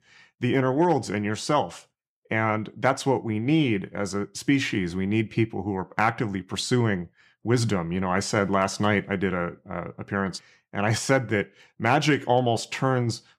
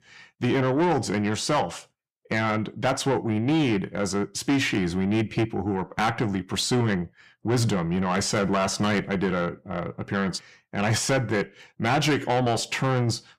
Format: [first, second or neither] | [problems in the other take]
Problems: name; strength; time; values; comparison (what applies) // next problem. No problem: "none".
first | distortion; heavy; 8 dB below the speech